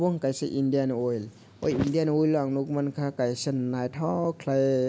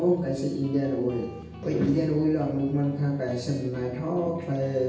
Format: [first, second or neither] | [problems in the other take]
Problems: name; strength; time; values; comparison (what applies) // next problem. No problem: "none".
first | background sound (Guitar); 17 dB below the speech // room echo; dies away in 0.9 s